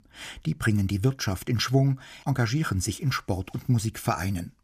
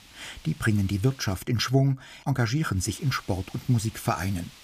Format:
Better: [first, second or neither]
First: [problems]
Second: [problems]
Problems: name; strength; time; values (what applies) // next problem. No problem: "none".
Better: first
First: none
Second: hiss; faint; until 1.5 s and from 3 s on; 20 dB below the speech